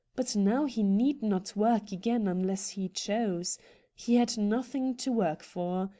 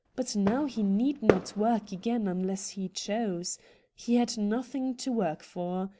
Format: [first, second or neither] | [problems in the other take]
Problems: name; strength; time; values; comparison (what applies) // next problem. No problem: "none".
first | background sound (Fireworks); 5 dB below the speech